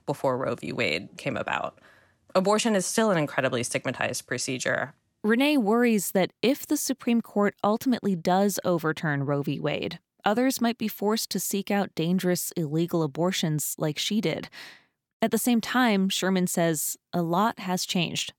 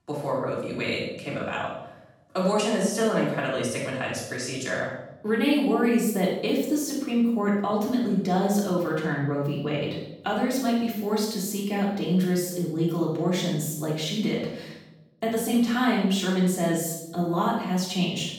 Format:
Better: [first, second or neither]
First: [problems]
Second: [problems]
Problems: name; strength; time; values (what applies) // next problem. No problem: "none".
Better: first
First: none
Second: off-mic speech; far // room echo; noticeable; dies away in 0.8 s